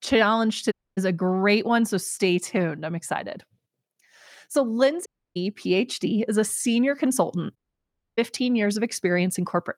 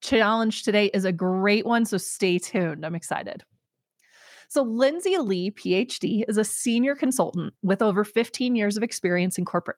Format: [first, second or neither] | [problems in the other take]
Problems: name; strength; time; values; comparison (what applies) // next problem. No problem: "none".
second | audio cutting out; at 0.5 s, at 5 s and at 7.5 s for 0.5 s